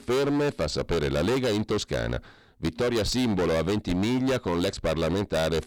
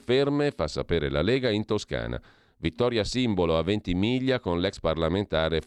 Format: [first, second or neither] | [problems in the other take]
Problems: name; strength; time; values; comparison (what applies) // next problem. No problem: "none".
second | distortion; heavy; 25% of the sound clipped